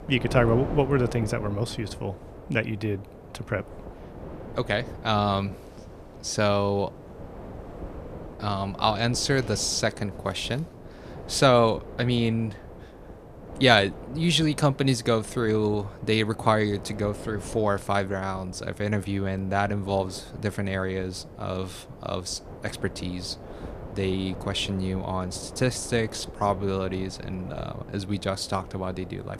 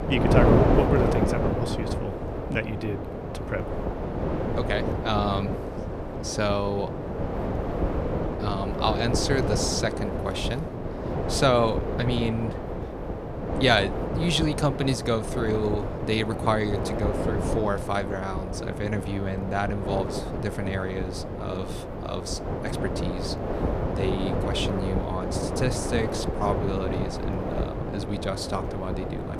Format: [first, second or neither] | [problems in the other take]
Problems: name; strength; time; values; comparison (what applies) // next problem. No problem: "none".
first | wind noise on the microphone; heavy; 2 dB below the speech; occasional gusts in the first